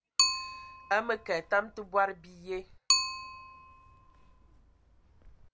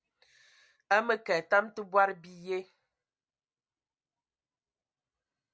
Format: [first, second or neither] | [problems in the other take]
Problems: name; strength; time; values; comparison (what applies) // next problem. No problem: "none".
second | background sound (Bicycle); as loud as the speech